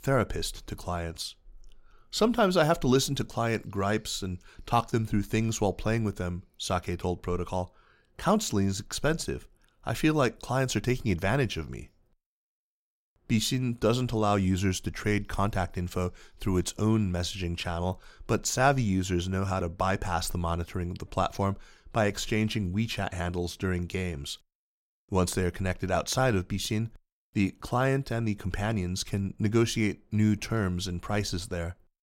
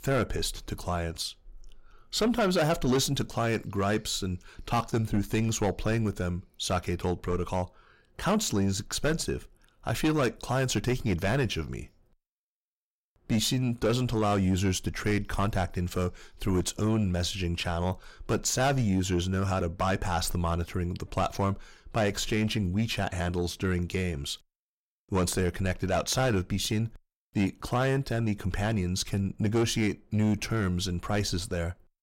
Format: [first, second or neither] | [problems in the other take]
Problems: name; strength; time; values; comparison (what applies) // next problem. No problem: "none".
first | distortion; slight; 10 dB below the speech